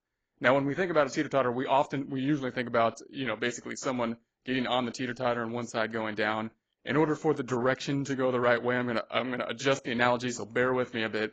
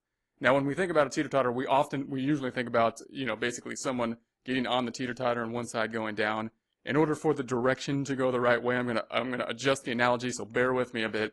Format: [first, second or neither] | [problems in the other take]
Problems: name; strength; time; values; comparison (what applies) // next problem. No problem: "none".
second | garbled, watery; badly; nothing above 7.5 kHz; slightly in the second